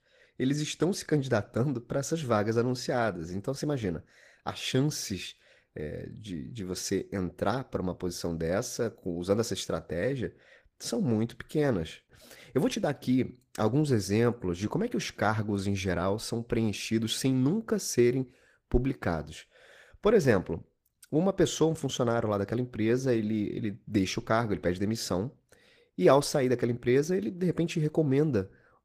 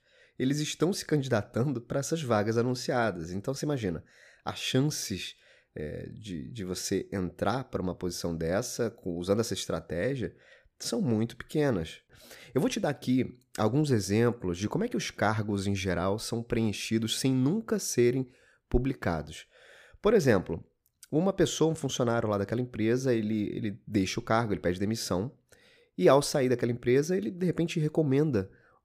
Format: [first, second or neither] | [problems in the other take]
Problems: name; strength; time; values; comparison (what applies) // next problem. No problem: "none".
second | garbled, watery; slightly; nothing above 15 kHz